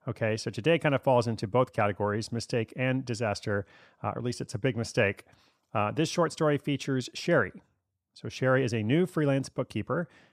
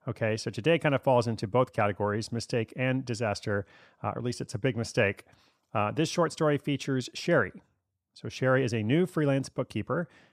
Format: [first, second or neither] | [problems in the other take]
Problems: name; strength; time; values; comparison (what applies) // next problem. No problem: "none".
neither | none